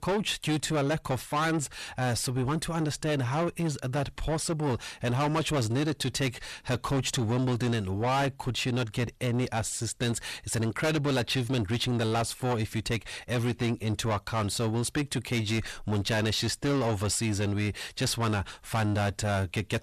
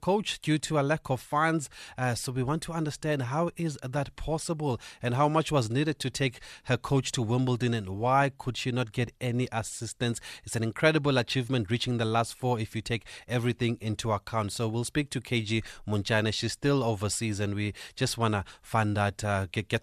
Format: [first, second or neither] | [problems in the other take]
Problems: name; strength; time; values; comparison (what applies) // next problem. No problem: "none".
second | distortion; heavy; 8 dB below the speech